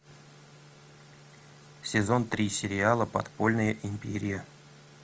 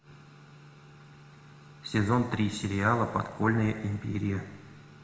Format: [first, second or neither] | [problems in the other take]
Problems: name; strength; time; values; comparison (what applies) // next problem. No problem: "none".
first | room echo; dies away in 1.8 s